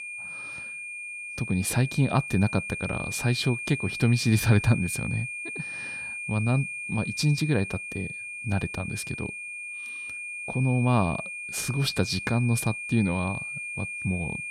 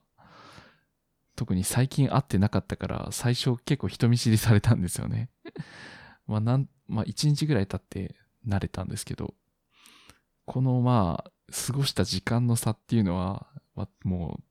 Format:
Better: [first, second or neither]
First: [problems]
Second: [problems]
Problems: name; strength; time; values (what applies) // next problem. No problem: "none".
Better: second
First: high-pitched whine; loud; throughout; 2.5 kHz, 6 dB below the speech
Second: none